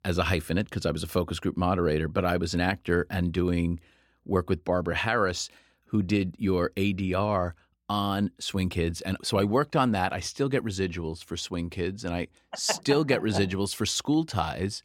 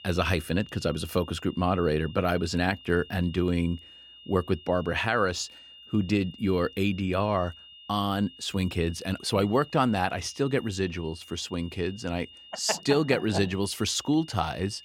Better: first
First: none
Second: high-pitched whine; noticeable; throughout; 3 kHz, 20 dB below the speech

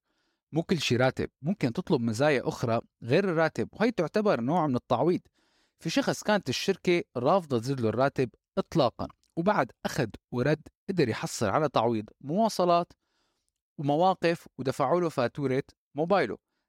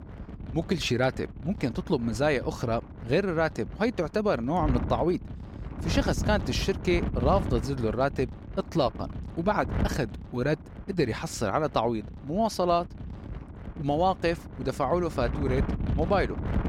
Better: first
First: none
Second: wind noise on the microphone; occasional gusts; 15 dB below the speech

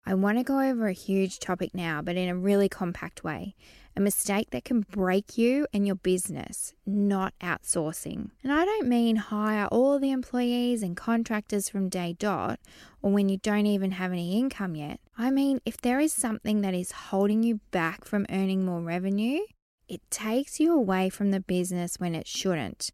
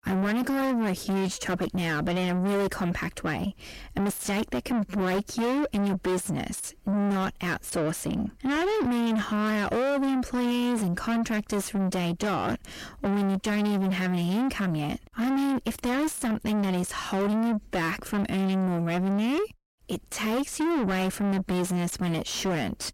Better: first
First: none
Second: distortion; heavy; 5 dB below the speech

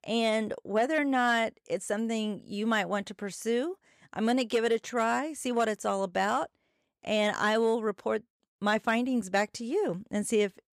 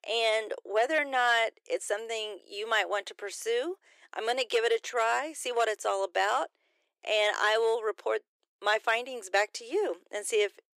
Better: first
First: none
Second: thin; very; fading below 350 Hz

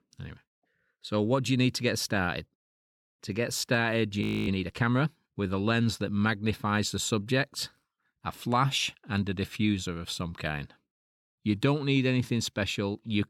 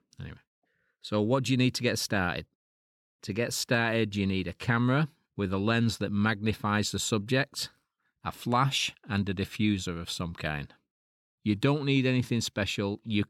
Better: second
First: audio freezing; at 4 s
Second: none

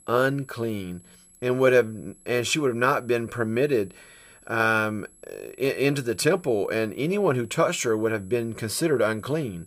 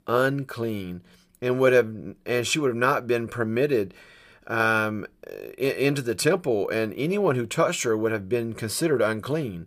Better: second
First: high-pitched whine; faint; throughout; 11 kHz, 30 dB below the speech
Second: none

